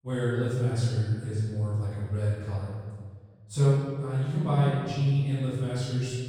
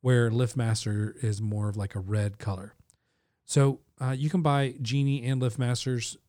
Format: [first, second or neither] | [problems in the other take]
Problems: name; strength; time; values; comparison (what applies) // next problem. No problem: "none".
second | off-mic speech; far // room echo; strong; dies away in 1.7 s